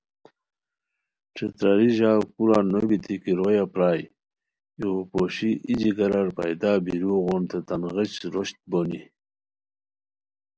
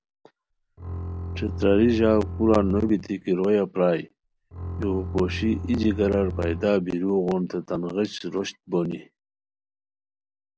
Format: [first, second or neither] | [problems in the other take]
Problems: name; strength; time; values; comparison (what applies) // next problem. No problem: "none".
first | background sound (Bowed string instrument); 7 dB below the speech